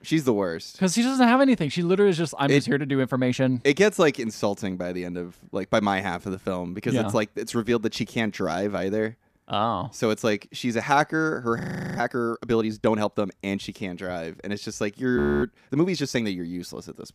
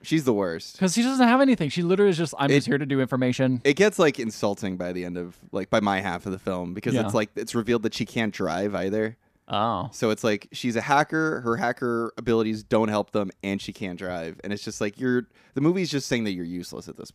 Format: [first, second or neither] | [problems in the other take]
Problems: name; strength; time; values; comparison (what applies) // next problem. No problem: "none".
second | audio freezing; at 12 s and at 15 s